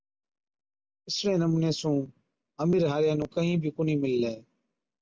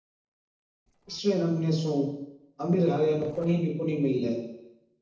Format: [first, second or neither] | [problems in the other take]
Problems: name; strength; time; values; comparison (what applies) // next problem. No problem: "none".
first | noise reduction (neural separator model SepFormer DNS4)